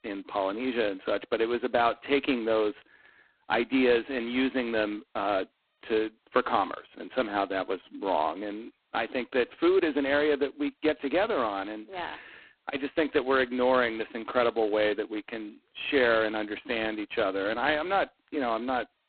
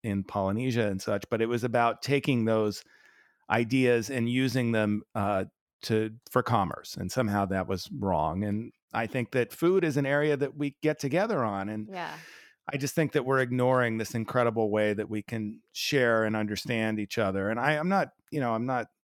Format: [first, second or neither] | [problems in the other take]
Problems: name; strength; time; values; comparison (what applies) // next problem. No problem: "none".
second | phone-call audio; poor line; nothing above 4 kHz